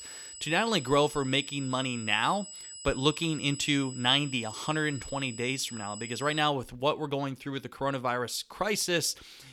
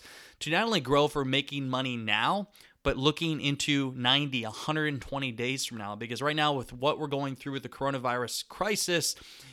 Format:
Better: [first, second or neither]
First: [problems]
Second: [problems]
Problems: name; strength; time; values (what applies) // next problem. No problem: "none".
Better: second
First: high-pitched whine; noticeable; until 6.5 s; 8 kHz, 10 dB below the speech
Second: none